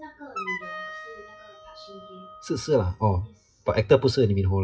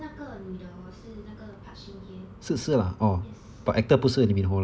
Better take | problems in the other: second | noise reduction (classical method WPE with log-MMSE)

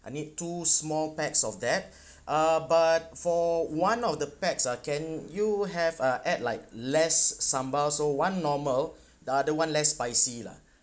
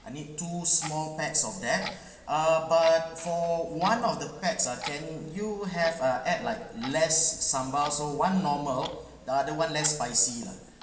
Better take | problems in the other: first | background sound (Clock); 17 dB below the speech // room echo; dies away in 0.9 s

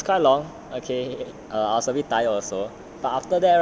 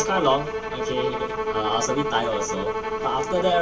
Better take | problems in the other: first | background sound (Bowed string instrument); 2 dB below the speech // room echo; dies away in 0.2 s

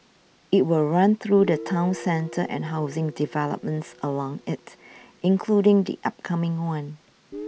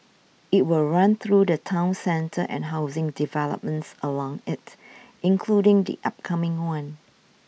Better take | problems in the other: second | background sound (Guitar); 18 dB below the speech

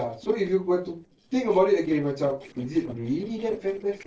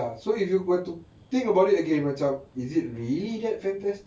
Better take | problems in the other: second | noise reduction (neural separator model SepFormer DNS4)

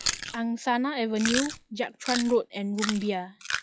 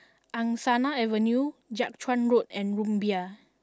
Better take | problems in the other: second | noise reduction (classical method log-MMSE)

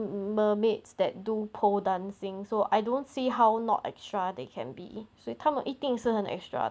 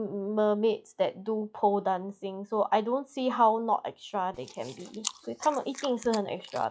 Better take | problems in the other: first | noise reduction (classical method log-MMSE)

